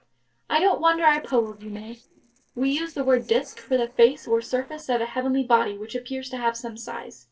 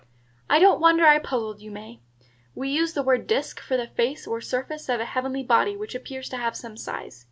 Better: second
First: noise reduction (neural separator model SepFormer DNS4)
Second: none

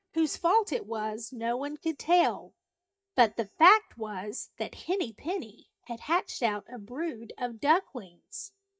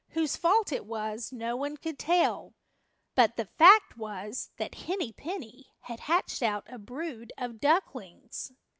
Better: second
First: noise reduction (neural mask model DeepFilterNet 3)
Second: none

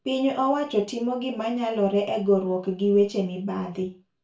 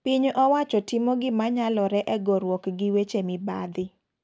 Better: second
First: room echo; dies away in 0.3 s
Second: none

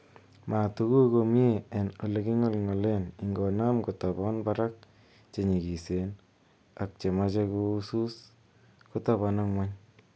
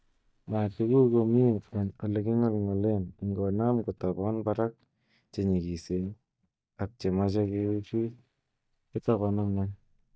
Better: first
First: none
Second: noise reduction (neural mask model DeepFilterNet 3)

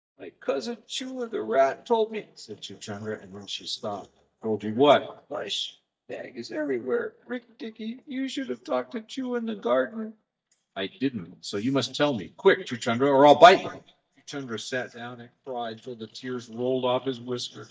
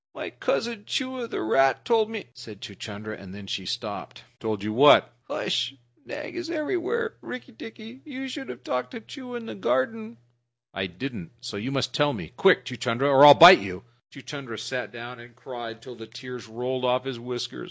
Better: second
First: noise reduction (neural mask model DeepFilterNet 3)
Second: none

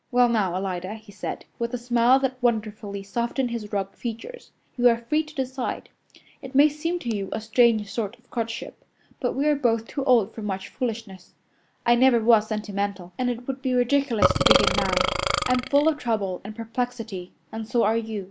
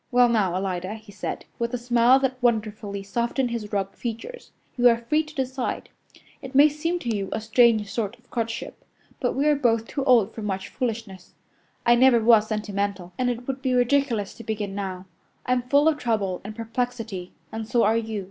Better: second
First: background sound (Burping, eructation); 1 dB above the speech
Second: none

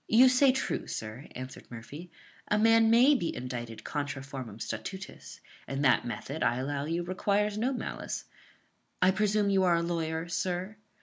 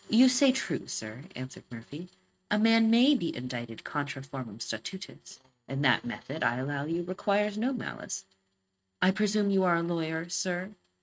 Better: first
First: none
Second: noise reduction (neural mask model RNNoise)

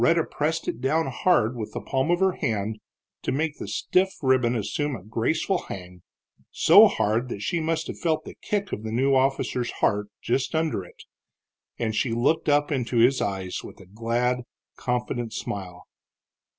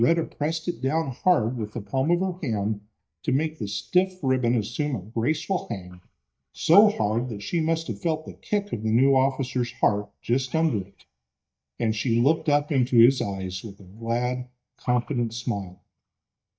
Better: first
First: none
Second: noise reduction (neural mask model DeepFilterNet 3)

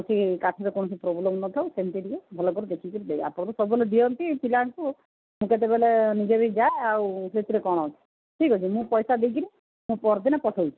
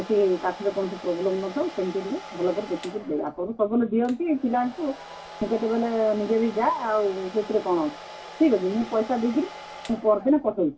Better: first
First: none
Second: background sound (Domestic sounds, home sounds); 16 dB below the speech // room echo; dies away in 0.2 s

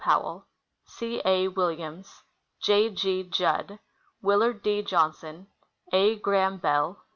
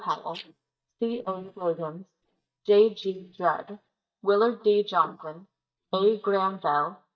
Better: first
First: none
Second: noise reduction (neural mask model DeepFilterNet 3)

